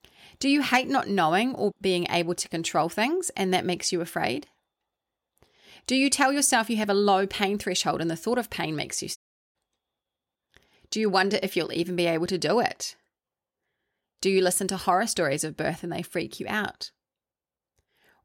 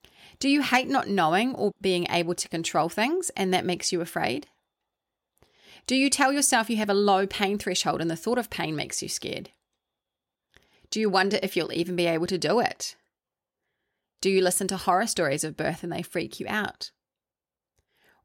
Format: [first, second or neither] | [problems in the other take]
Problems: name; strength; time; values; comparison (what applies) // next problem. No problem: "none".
second | audio cutting out; at 9 s